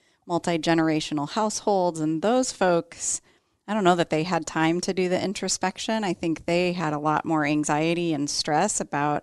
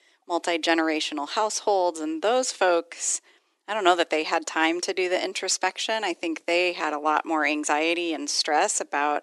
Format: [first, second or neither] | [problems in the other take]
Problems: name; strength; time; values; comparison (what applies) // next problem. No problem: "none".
first | thin; somewhat; fading below 300 Hz